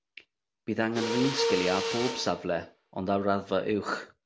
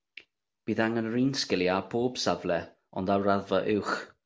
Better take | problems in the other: second | background sound (Mechanisms); 4 dB below the speech

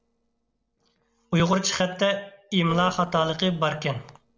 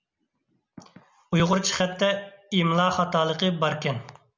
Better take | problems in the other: second | noise reduction (neural separator model SepFormer DNS4)

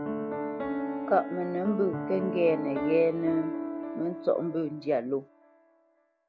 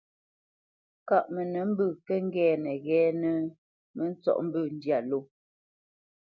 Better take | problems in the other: second | background sound (Piano); 5 dB below the speech

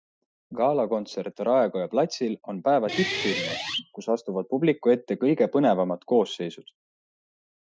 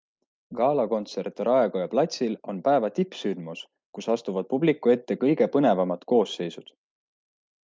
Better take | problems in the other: second | noise reduction (classical method Wiener filter)

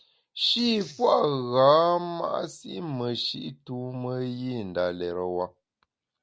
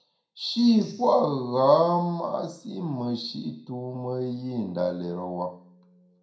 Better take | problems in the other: first | room echo; dies away in 0.5 s

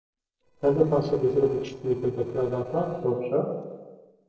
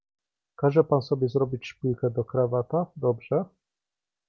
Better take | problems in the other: second | noise reduction (neural separator model SepFormer DNS4)

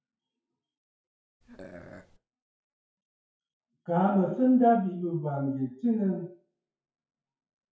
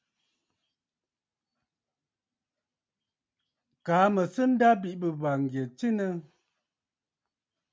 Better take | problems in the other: second | noise reduction (classical method WPE with log-MMSE)

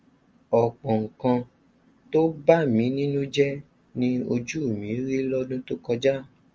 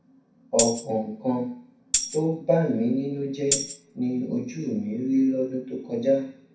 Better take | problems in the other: first | background sound (Tambourine); 5 dB below the speech // room echo; dies away in 0.6 s

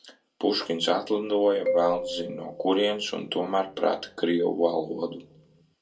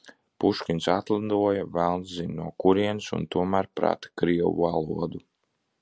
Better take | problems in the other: second | background sound (Marimba, xylophone); 6 dB below the speech // room echo; dies away in 0.2 s

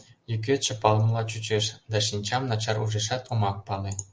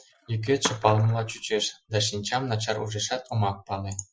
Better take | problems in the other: first | noise reduction (classical method Wiener filter)

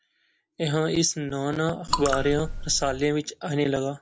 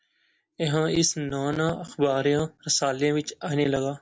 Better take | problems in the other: second | background sound (Raindrop / Drip); 4 dB below the speech

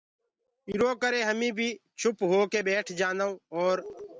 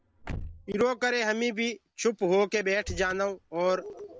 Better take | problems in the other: first | background sound (Slam / Car); 16 dB below the speech

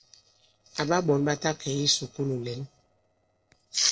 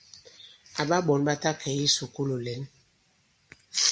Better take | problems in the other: second | noise reduction (neural separator model SepFormer DNS4)

